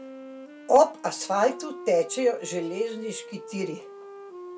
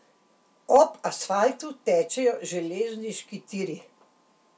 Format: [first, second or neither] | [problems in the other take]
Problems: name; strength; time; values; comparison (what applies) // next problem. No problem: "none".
second | background sound (Wind instrument, woodwind instrument); 15 dB below the speech